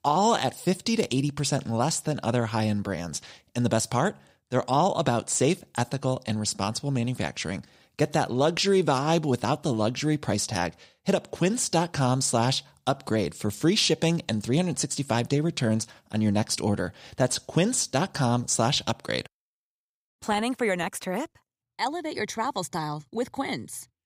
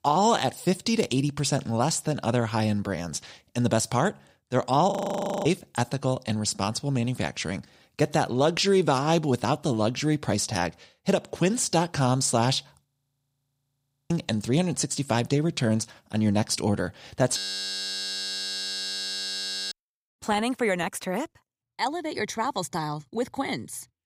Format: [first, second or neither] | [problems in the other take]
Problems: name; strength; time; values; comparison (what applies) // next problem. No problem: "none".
first | audio freezing; at 5 s for 0.5 s, at 13 s for 1.5 s and at 17 s for 2.5 s